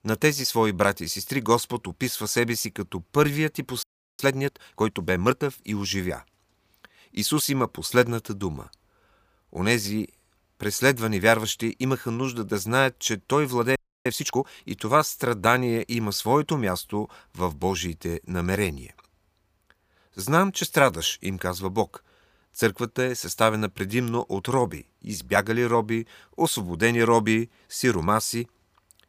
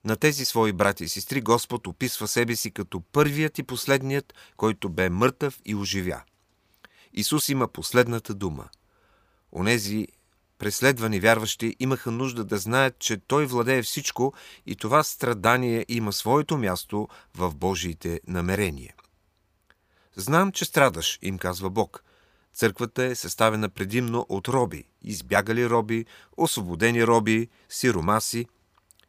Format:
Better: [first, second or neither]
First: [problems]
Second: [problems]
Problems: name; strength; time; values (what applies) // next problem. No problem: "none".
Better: second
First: audio freezing; at 4 s and at 14 s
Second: none